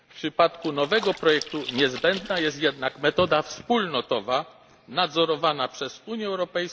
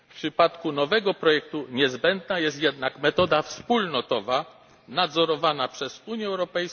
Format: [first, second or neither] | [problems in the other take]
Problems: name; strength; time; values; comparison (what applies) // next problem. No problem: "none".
second | background sound (Splash, splatter); 15 dB below the speech